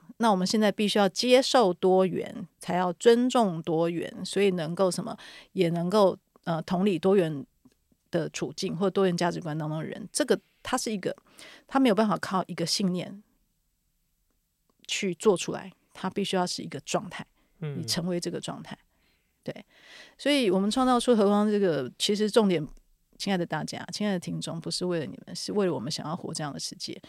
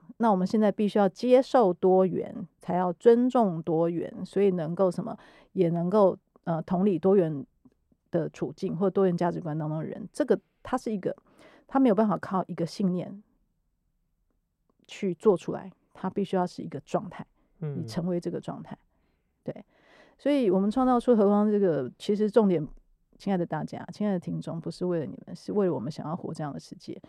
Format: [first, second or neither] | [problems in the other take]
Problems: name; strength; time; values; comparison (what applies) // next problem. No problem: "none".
first | muffled; very; fading above 2 kHz